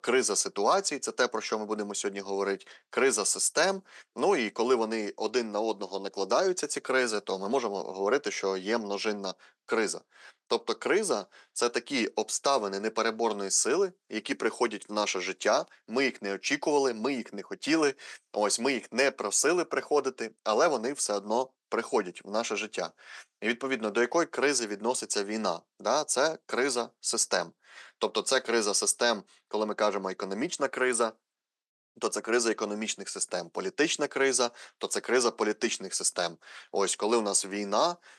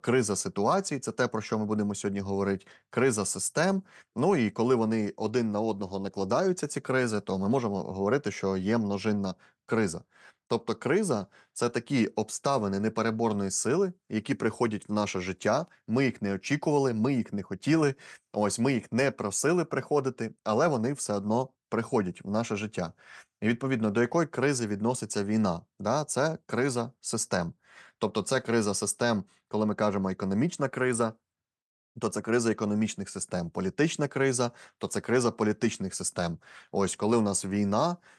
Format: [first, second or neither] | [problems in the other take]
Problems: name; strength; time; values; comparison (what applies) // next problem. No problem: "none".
second | thin; somewhat; fading below 300 Hz